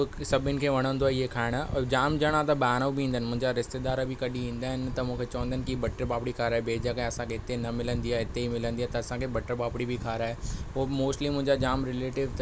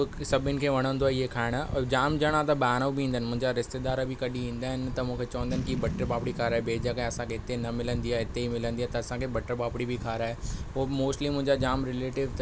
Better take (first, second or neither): first